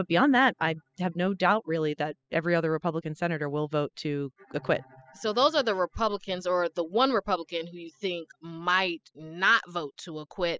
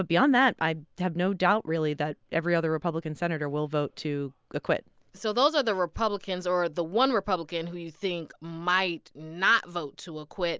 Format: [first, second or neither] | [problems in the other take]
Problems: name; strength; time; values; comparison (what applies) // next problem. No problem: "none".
second | noise reduction (classical method spectral subtraction)